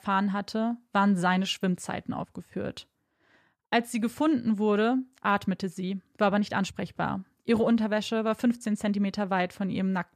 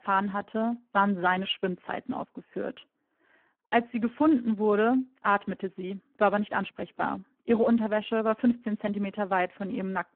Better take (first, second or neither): first